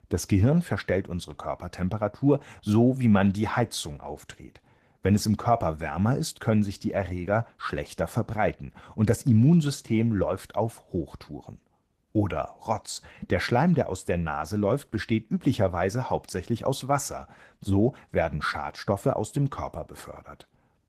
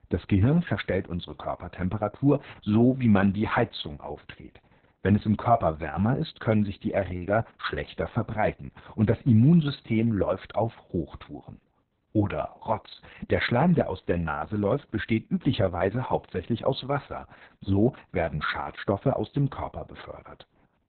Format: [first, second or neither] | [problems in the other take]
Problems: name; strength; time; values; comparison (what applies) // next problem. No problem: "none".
first | garbled, watery; badly; nothing above 4 kHz; slightly in the first